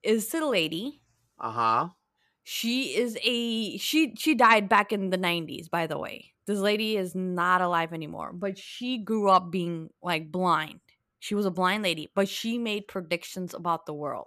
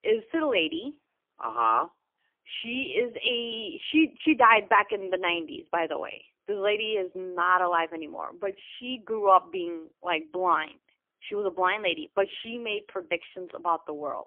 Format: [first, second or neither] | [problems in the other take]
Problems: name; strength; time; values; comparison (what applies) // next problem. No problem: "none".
first | phone-call audio; poor line; nothing above 3.5 kHz